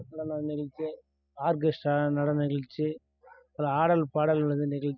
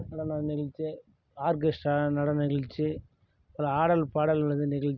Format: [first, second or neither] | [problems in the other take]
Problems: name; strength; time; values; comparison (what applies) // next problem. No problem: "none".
second | noise reduction (classical method spectral subtraction)